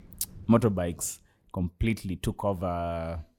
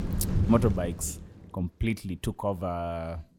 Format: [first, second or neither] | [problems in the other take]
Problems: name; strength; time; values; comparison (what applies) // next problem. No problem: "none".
first | rain or running water; loud; throughout; 1 dB below the speech; faint in the first